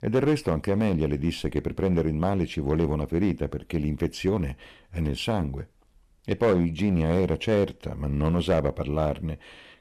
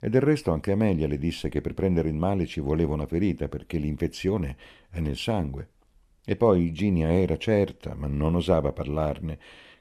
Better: second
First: distortion; slight; 5% of the sound clipped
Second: none

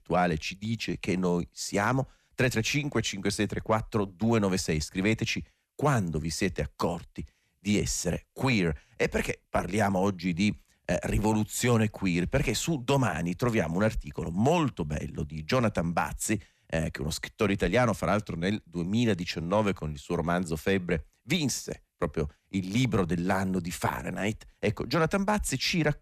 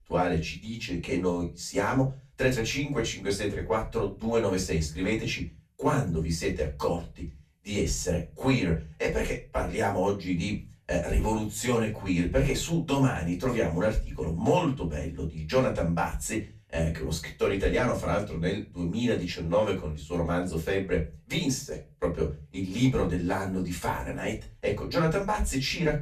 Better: first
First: none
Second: off-mic speech; far // room echo; very slight; dies away in 0.2 s

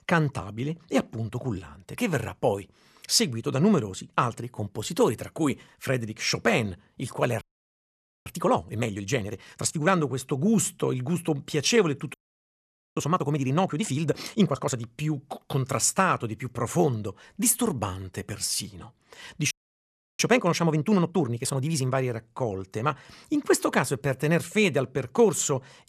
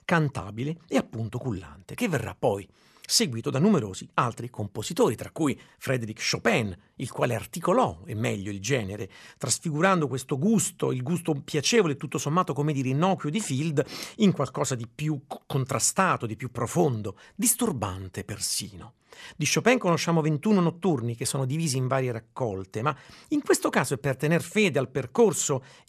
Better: second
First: audio freezing; at 7.5 s for 1 s, at 12 s for 1 s and at 20 s for 0.5 s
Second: none

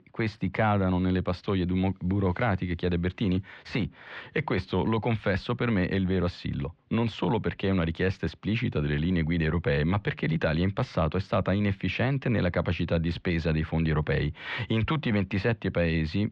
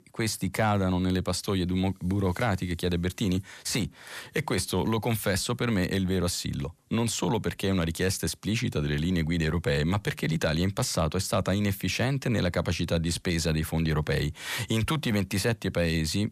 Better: second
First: muffled; slightly; fading above 3 kHz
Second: none

